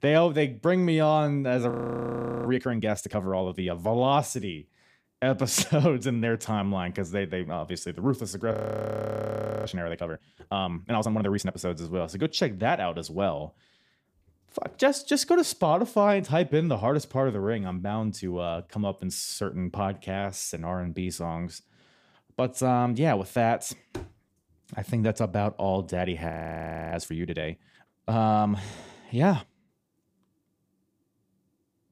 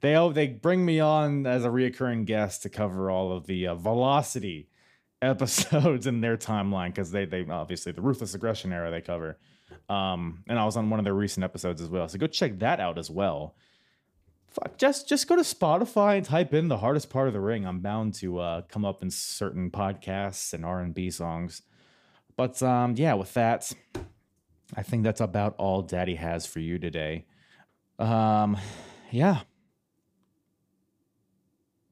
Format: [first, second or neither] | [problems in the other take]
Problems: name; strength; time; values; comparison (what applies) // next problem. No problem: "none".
second | audio freezing; at 1.5 s for 1 s, at 8.5 s for 1 s and at 26 s for 0.5 s